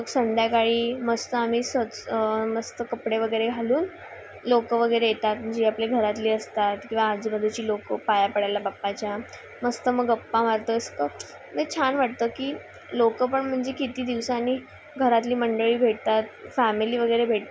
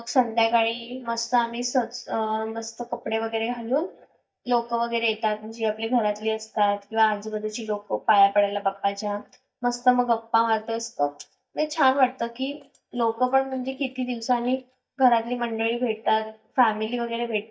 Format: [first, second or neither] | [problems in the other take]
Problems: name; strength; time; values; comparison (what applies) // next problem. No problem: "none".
first | noise reduction (neural mask model DeepFilterNet 3)